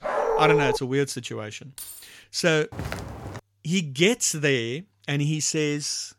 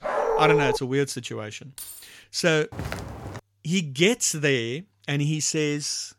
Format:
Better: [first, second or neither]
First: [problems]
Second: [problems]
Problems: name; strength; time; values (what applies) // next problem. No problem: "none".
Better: neither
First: dog barking; loud; at the start; peak 3 dB above the speech // jangling keys; faint; at 2 s; peak 15 dB below the speech // footsteps; noticeable; at 2.5 s; peak 9 dB below the speech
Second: dog barking; loud; at the start; peak 3 dB above the speech // jangling keys; faint; at 2 s; peak 15 dB below the speech // footsteps; noticeable; at 2.5 s; peak 9 dB below the speech